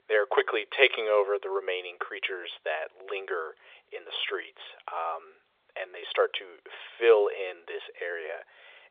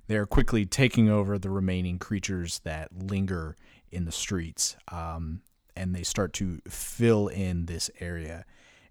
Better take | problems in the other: second | phone-call audio; nothing above 3.5 kHz

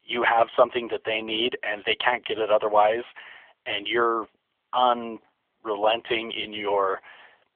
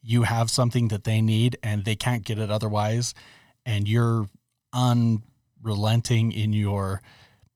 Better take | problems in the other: second | phone-call audio; nothing above 3.5 kHz

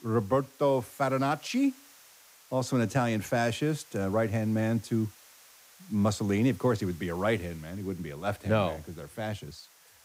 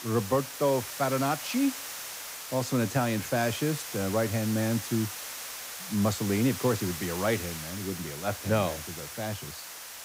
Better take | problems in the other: first | hiss; loud; throughout; 7 dB below the speech; faint in the first

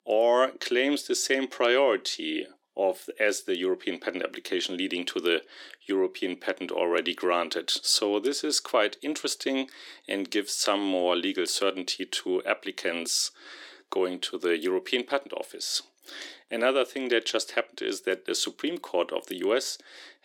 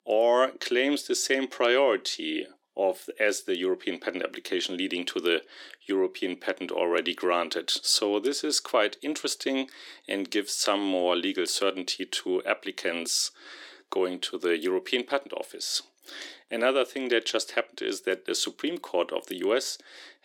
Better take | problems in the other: neither | thin; somewhat; fading below 300 Hz; the same in both

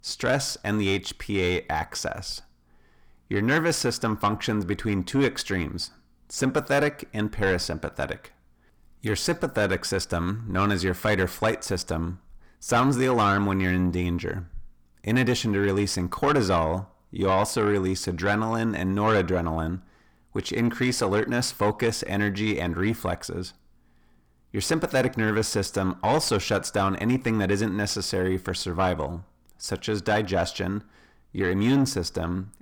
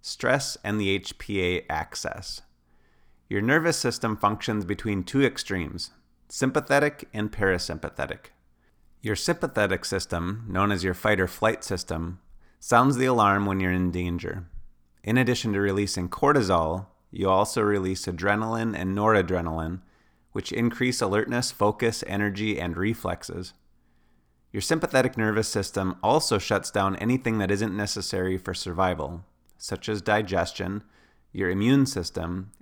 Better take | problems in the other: second | distortion; slight; 10 dB below the speech

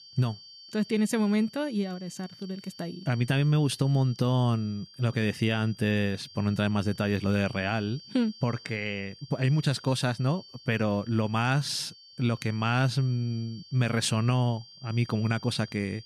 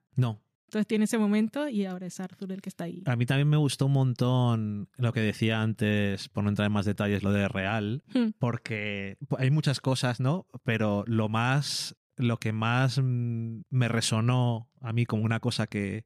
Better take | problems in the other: second | high-pitched whine; noticeable; throughout; 4.5 kHz, 20 dB below the speech

